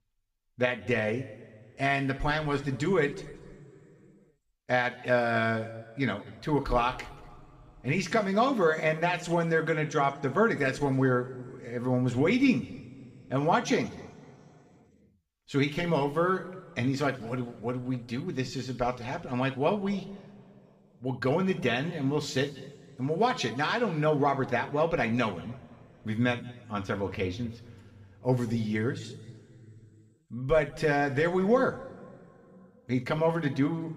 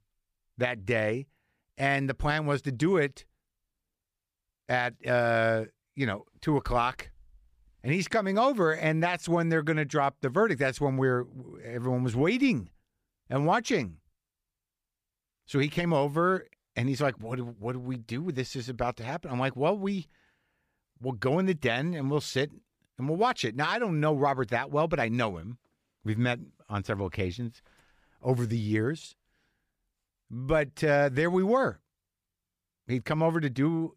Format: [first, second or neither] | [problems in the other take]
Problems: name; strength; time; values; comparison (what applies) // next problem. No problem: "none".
second | room echo; slight; dies away in 1.6 s // off-mic speech; somewhat distant